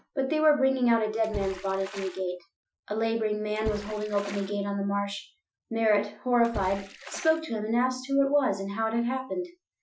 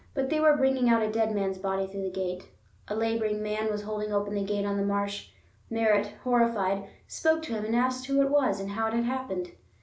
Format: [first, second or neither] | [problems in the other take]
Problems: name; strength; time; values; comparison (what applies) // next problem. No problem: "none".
second | noise reduction (classical method Wiener filter)